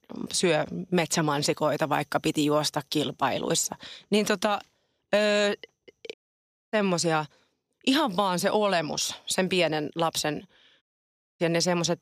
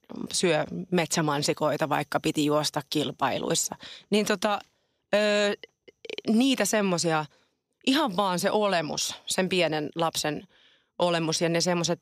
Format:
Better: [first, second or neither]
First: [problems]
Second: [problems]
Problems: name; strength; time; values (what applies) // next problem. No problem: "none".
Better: second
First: audio cutting out; at 6 s for 0.5 s and at 11 s for 0.5 s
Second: none